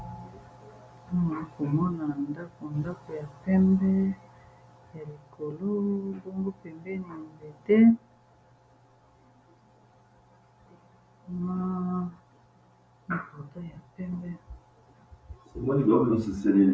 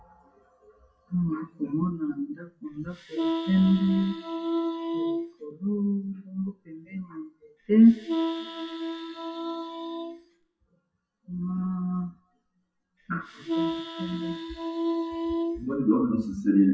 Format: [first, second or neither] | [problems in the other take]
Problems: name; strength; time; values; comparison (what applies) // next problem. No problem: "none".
first | noise reduction (classical method WPE with log-MMSE)